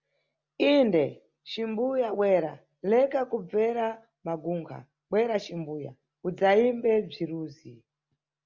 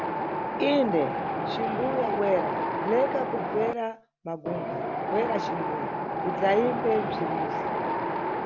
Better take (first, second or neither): first